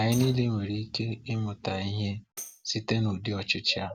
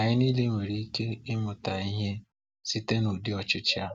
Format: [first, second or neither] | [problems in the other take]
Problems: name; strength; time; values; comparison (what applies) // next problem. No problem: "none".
second | background sound (Slam / Tools + Tambourine); 18 dB below the speech